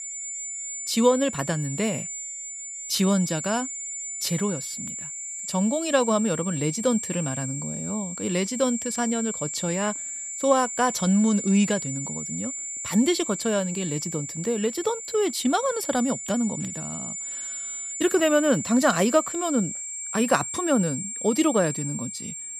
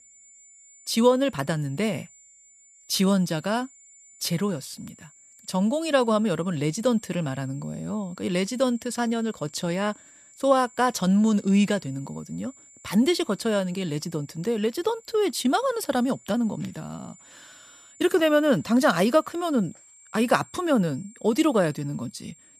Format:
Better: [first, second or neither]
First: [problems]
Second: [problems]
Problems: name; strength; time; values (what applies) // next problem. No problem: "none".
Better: second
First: high-pitched whine; loud; throughout; 7 kHz, 6 dB below the speech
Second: high-pitched whine; faint; throughout; 7 kHz, 25 dB below the speech